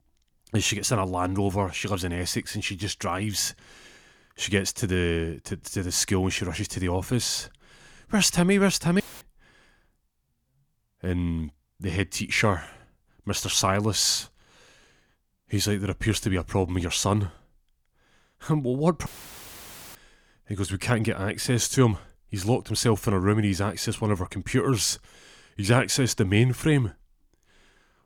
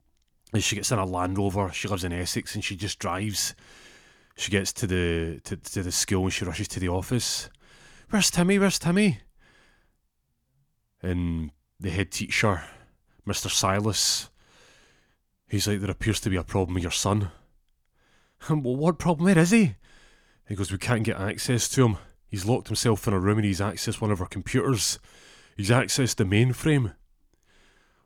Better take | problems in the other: second | audio cutting out; filled with static; at 9 s and at 19 s for 1 s

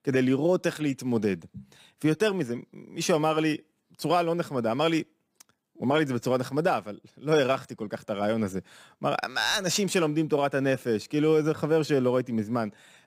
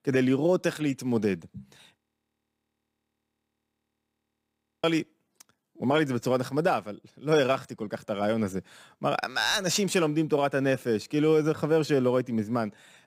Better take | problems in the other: first | audio freezing; at 2 s for 3 s

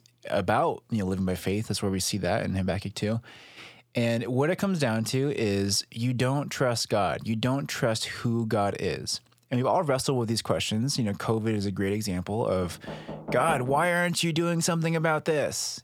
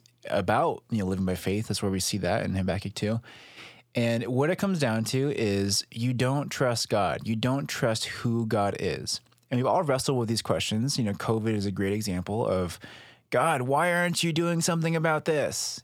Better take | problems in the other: second | door banging; noticeable; from 13 to 14 s; peak 8 dB below the speech

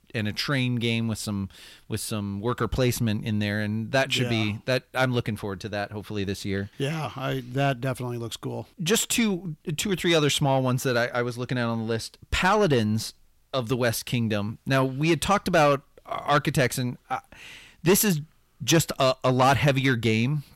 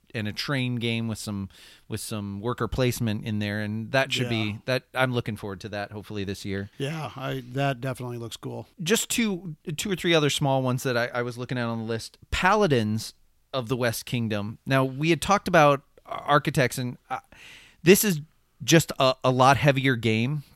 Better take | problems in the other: second | distortion; slight; 10 dB below the speech

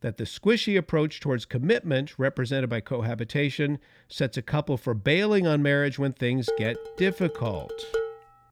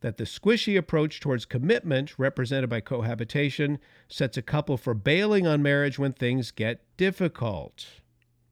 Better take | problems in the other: second | clattering dishes; noticeable; from 6.5 s on; peak 5 dB below the speech

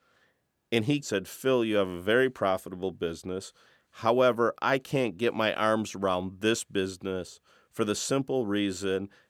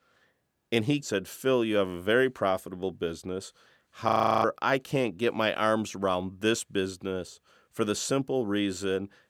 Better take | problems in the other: first | audio freezing; at 4 s

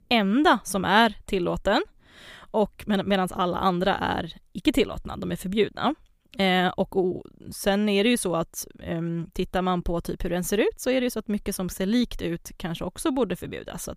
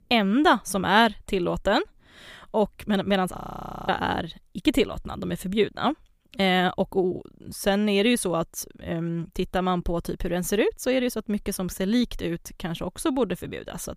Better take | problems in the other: first | audio freezing; at 3.5 s for 0.5 s

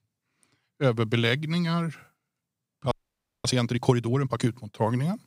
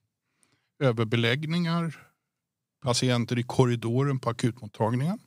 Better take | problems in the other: second | audio freezing; at 3 s for 0.5 s

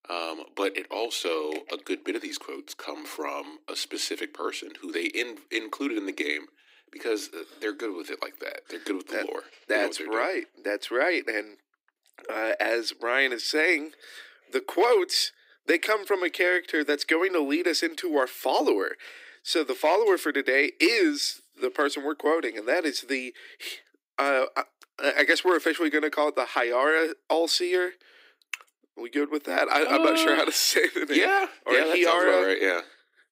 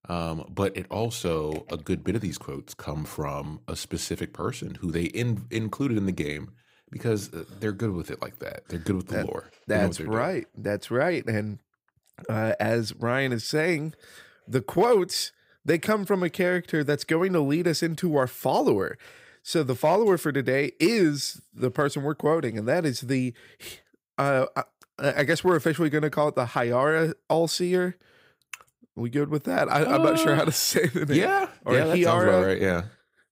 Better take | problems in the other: second | thin; somewhat; fading below 300 Hz

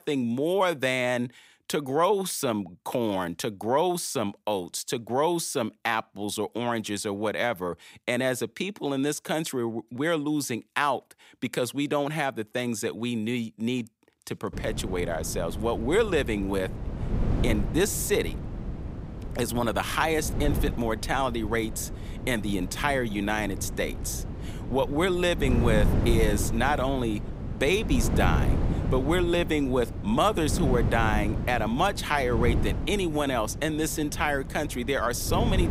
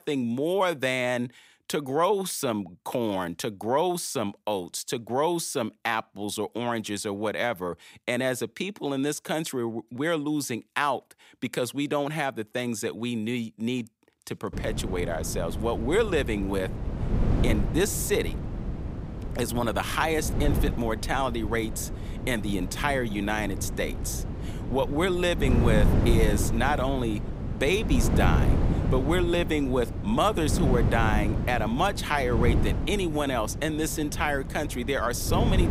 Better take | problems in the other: first | wind noise on the microphone; heavy; from 15 s on; 9 dB below the speech; occasional gusts in the first

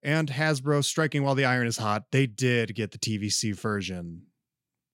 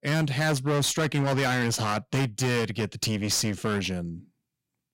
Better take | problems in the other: first | distortion; heavy; 20% of the sound clipped

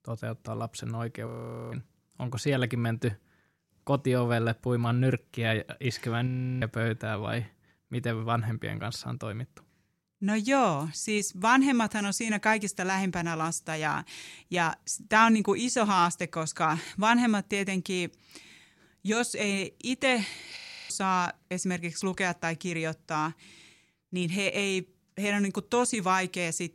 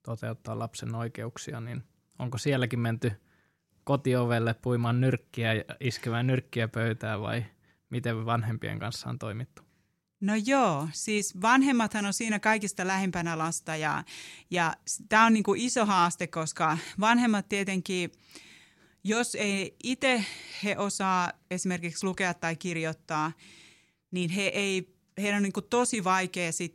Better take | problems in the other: second | audio freezing; at 1.5 s, at 6.5 s and at 21 s

